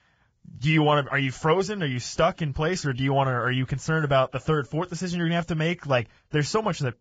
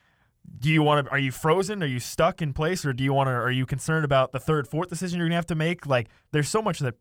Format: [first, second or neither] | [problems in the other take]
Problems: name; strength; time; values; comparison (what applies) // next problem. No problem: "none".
second | garbled, watery; badly; nothing above 7.5 kHz